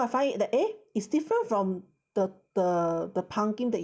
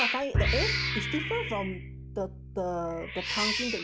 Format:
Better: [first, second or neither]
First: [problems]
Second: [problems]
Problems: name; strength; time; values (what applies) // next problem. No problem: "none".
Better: first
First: none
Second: background sound (Cat + Bowed string instrument); 2 dB above the speech